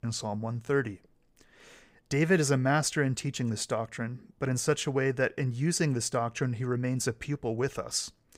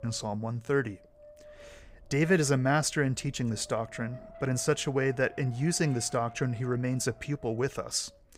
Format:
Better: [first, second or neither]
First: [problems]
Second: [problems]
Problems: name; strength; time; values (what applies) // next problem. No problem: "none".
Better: first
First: none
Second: wind noise on the microphone; occasional gusts; 20 dB below the speech